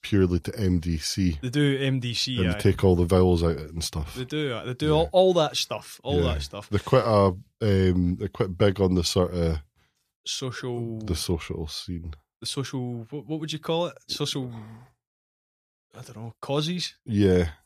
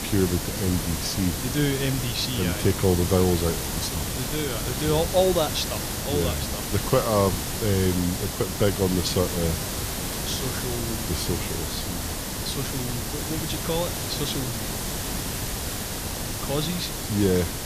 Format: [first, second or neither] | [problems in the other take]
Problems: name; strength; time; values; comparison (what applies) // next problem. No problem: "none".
first | hiss; loud; throughout; 2 dB below the speech